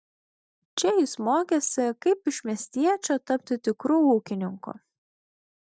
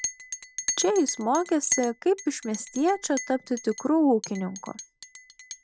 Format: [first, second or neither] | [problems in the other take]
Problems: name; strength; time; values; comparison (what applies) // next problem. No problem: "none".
first | background sound (Chink, clink); 9 dB below the speech